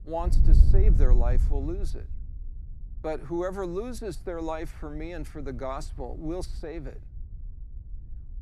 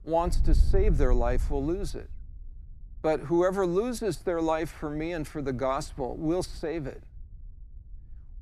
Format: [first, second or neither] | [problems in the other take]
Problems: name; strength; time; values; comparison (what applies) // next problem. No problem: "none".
second | wind noise on the microphone; heavy; 9 dB below the speech; occasional gusts in the second